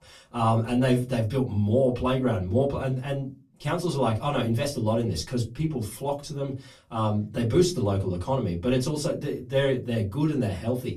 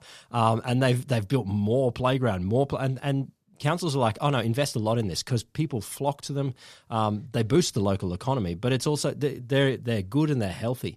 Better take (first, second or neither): second